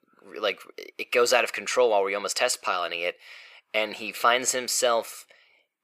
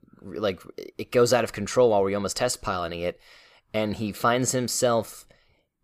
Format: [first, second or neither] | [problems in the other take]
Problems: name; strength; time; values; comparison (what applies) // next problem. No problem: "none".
second | thin; somewhat; fading below 500 Hz